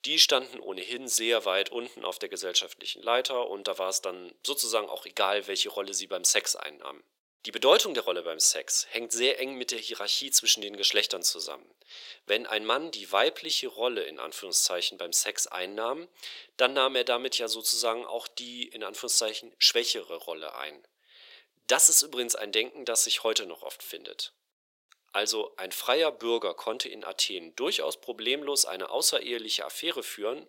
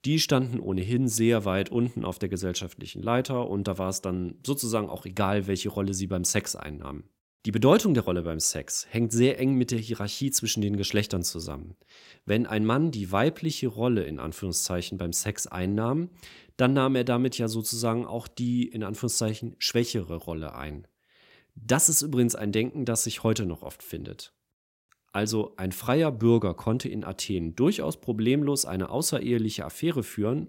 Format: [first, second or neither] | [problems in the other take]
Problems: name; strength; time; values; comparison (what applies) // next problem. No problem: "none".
second | thin; very; fading below 450 Hz